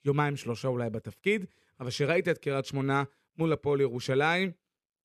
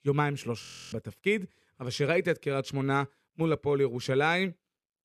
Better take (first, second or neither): first